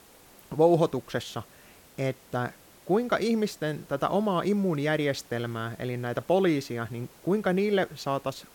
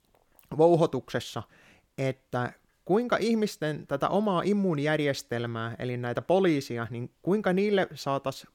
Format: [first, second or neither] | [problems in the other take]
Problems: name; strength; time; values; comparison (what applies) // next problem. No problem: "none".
second | hiss; faint; throughout; 25 dB below the speech